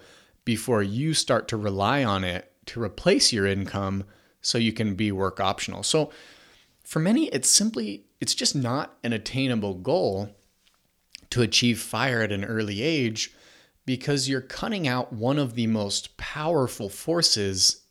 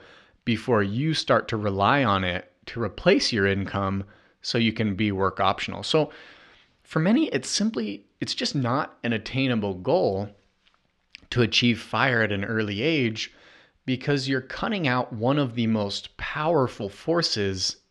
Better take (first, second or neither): first